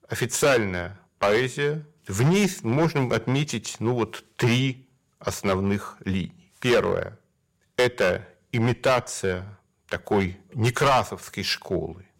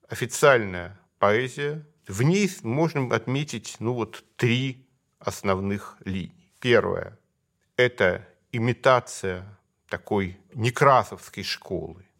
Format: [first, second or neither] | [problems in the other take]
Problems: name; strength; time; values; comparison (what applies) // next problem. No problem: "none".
second | distortion; heavy; 6% of the sound clipped